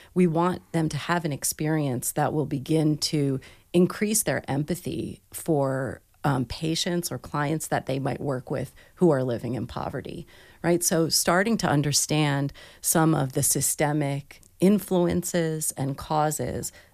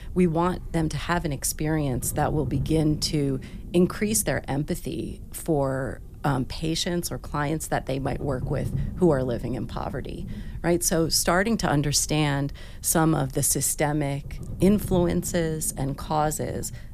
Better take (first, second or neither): first